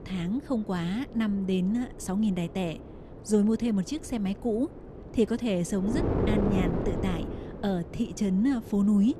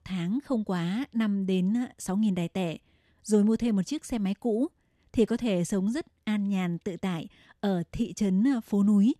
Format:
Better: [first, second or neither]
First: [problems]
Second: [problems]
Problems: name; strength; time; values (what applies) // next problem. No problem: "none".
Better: second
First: wind noise on the microphone; heavy; 6 dB below the speech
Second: none